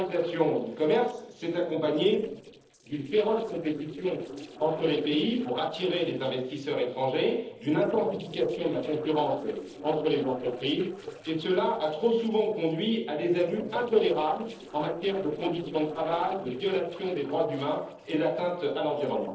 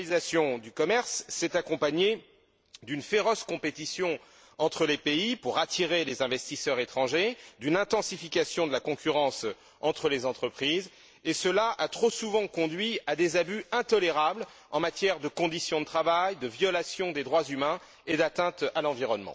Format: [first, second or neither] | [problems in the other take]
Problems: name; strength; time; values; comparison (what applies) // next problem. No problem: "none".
second | noise reduction (neural separator model SepFormer DNS4)